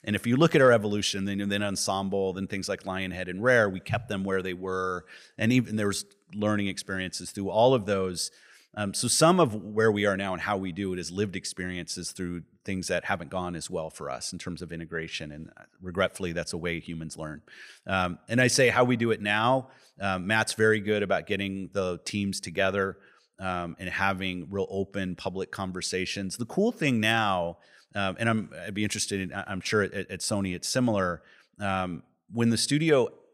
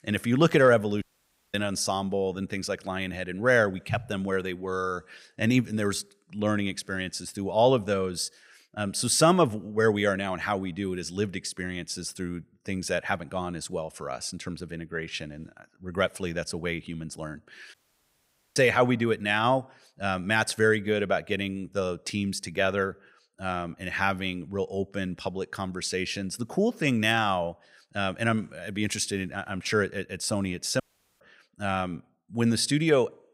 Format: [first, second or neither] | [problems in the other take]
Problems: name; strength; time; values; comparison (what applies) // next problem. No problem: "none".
first | audio cutting out; at 1 s for 0.5 s, at 18 s for 1 s and at 31 s